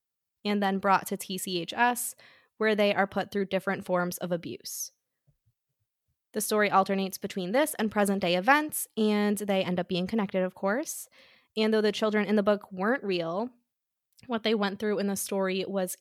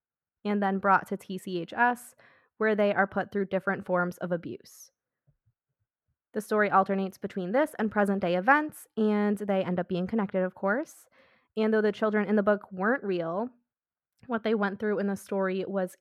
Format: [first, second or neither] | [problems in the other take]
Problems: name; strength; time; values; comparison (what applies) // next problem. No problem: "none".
first | muffled; slightly; fading above 2.5 kHz